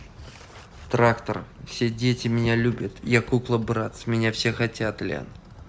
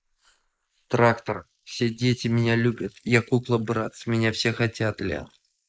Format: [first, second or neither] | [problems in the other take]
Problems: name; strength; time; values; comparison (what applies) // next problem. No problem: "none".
first | noise reduction (neural mask model Resemble Enhance denoiser)